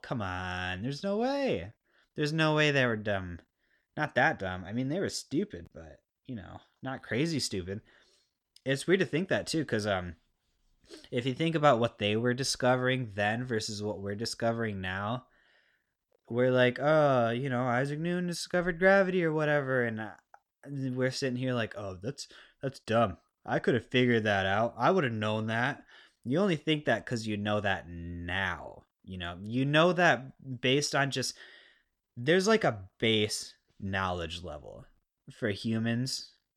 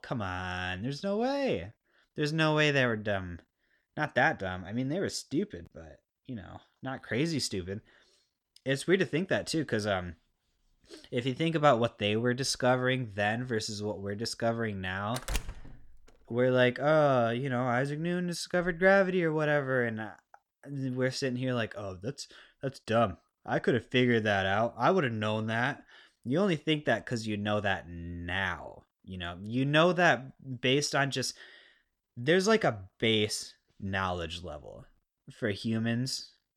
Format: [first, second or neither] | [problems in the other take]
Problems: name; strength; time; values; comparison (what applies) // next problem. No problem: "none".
first | door banging; noticeable; at 15 s; peak 7 dB below the speech